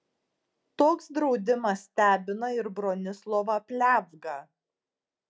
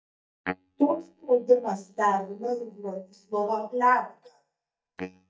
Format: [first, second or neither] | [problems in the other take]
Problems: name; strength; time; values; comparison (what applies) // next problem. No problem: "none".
first | noise reduction (neural mask model DeepFilterNet 3)